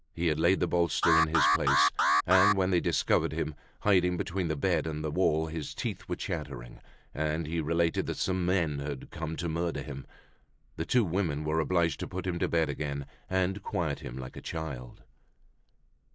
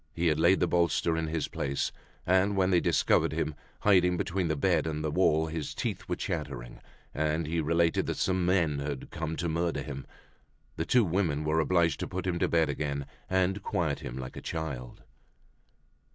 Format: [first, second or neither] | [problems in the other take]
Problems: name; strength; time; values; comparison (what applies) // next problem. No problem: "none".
second | noise reduction (neural mask model Resemble Enhance denoiser)